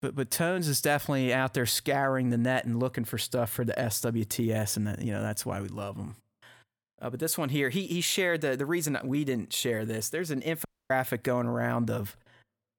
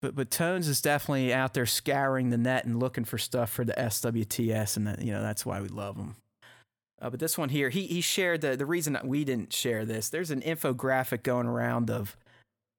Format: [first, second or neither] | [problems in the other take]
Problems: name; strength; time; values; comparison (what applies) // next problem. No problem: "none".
second | audio cutting out; at 11 s